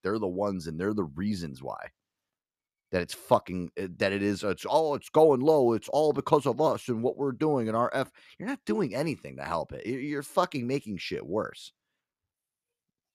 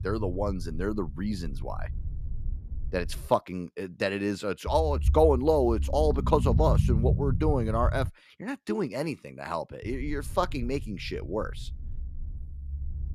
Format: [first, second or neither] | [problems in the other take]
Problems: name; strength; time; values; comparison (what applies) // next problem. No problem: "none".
first | low rumble; noticeable; until 3.5 s, from 4.5 to 8 s and from 10 s on; 15 dB below the speech